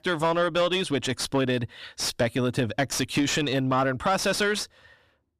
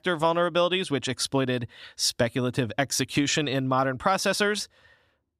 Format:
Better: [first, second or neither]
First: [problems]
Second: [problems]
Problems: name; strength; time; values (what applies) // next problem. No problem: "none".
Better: second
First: distortion; slight; 10 dB below the speech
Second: none